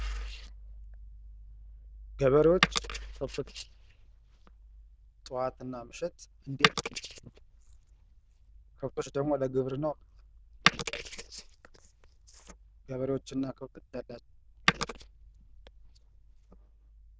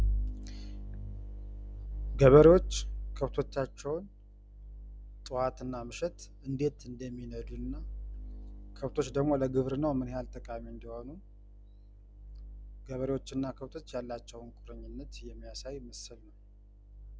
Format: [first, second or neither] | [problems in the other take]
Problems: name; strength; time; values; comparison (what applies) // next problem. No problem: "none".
second | noise reduction (neural diffusion model UNIVERSE++)